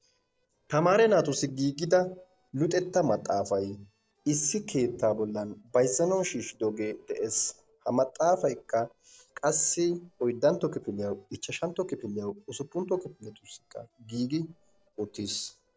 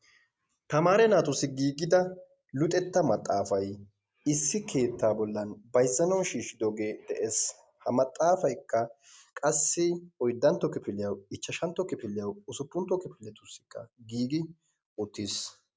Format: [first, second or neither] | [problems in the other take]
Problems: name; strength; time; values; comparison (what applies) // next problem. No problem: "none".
second | noise reduction (neural separator model SepFormer DNS4)